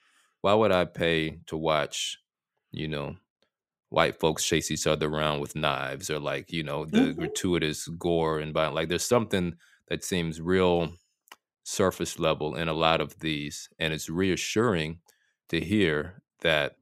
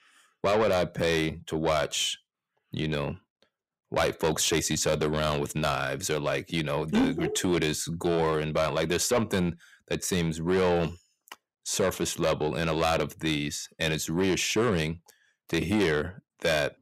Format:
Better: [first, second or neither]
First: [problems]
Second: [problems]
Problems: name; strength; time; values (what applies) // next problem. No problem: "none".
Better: first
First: none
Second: distortion; heavy; 8 dB below the speech